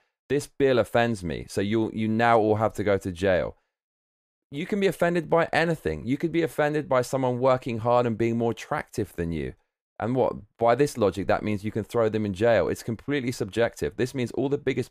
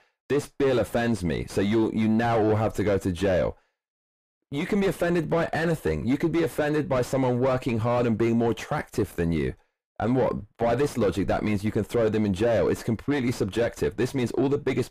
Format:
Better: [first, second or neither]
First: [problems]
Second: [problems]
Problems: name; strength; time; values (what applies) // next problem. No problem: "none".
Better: first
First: none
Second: distortion; heavy; 5 dB below the speech